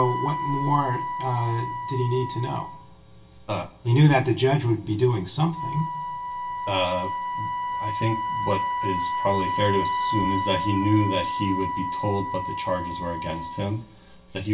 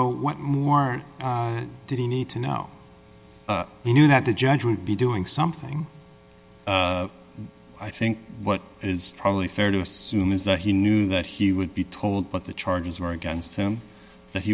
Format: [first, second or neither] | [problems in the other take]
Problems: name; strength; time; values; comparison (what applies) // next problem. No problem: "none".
second | background sound (Wind instrument, woodwind instrument); 4 dB below the speech // room echo; dies away in 0.2 s